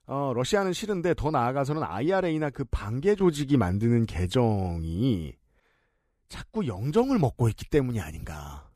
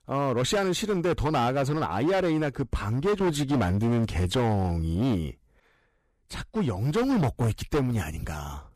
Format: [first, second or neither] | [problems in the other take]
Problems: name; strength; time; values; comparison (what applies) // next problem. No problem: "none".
first | distortion; heavy; 16% of the sound clipped